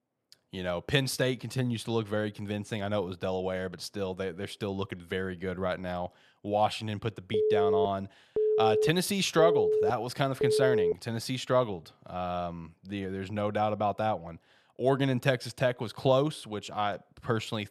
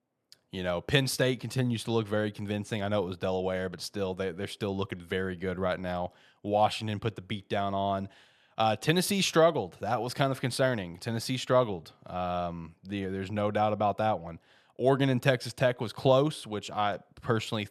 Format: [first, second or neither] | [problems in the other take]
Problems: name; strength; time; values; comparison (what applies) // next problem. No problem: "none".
second | phone ringing; loud; from 7.5 to 11 s; peak 5 dB above the speech